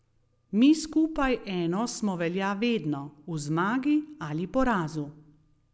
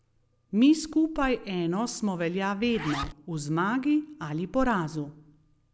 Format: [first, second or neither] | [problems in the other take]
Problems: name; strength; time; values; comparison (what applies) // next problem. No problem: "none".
first | background sound (Zipper (clothing)); 15 dB below the speech